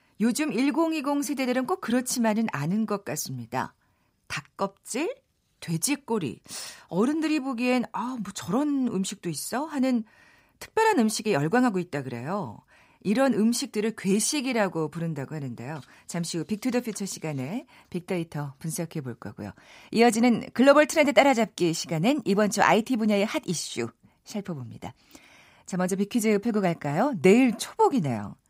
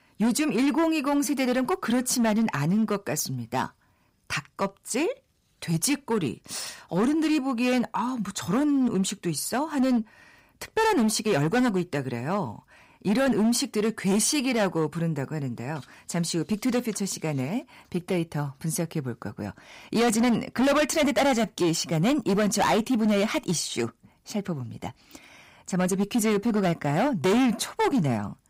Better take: first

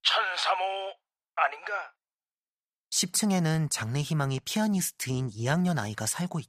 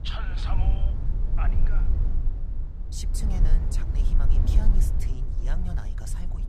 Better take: first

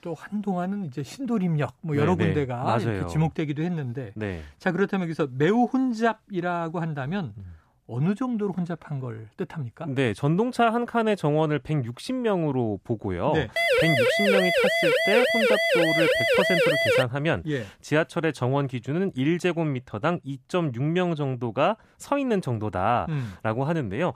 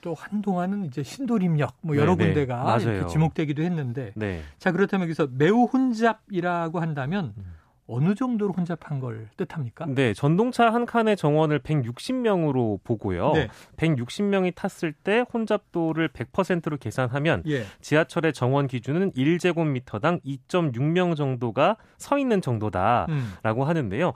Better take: second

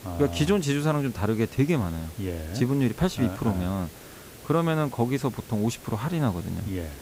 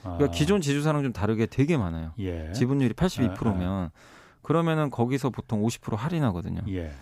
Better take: second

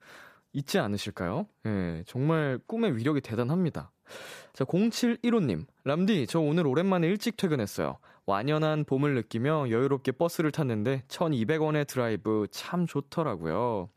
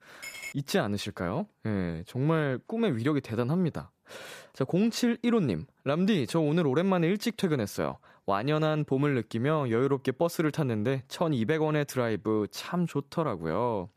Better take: first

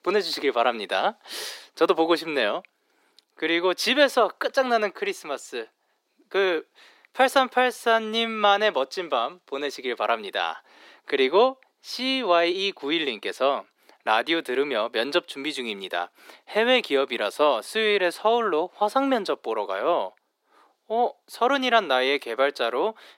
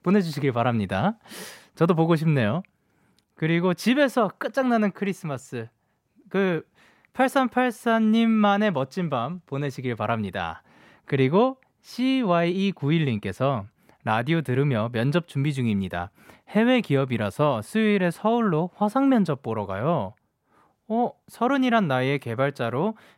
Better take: second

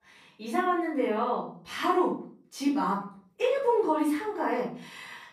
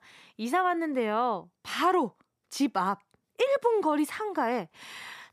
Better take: second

